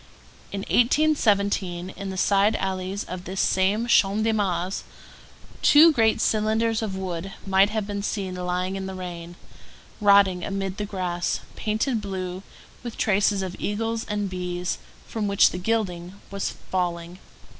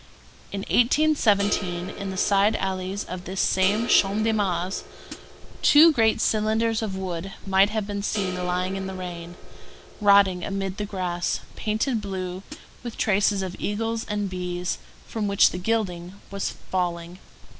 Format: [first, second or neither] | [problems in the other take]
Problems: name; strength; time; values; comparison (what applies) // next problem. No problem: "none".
first | background sound (Hi-hat + Crash cymbal); 12 dB below the speech